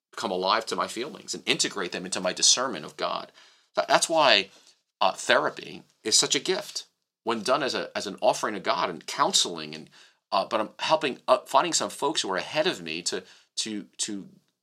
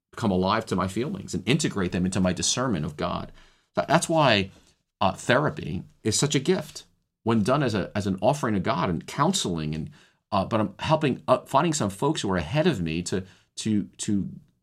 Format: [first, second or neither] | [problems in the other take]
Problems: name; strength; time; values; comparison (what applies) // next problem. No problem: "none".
second | thin; somewhat; fading below 450 Hz